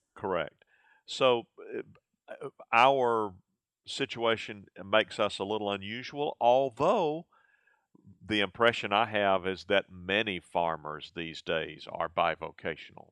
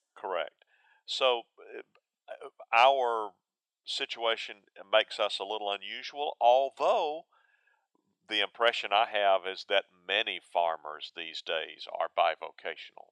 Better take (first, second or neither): first